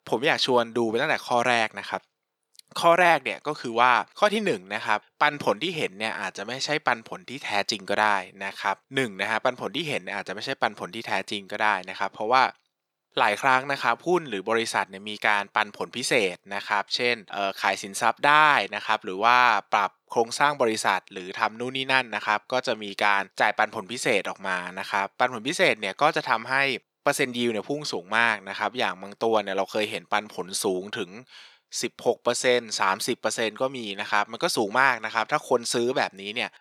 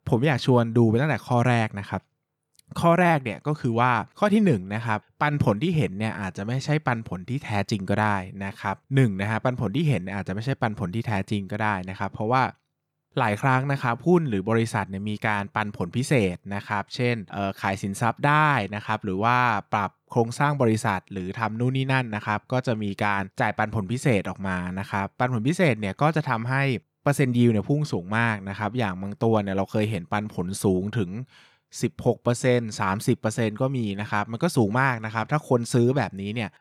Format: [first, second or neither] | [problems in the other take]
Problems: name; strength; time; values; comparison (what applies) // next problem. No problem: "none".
second | thin; somewhat; fading below 450 Hz